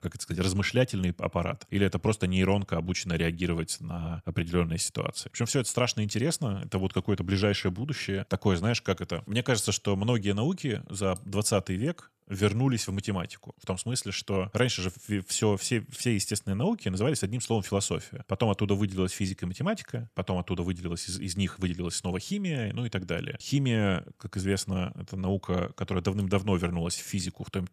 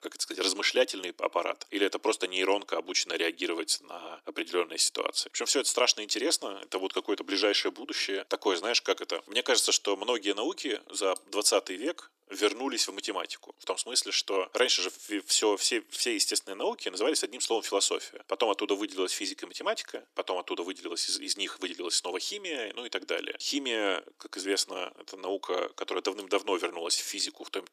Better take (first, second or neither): first